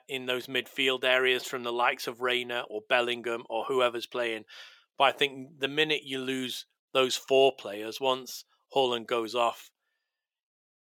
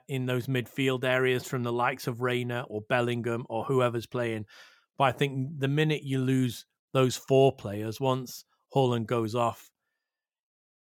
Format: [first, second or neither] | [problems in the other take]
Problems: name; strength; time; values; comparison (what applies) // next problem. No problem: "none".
second | thin; somewhat; fading below 450 Hz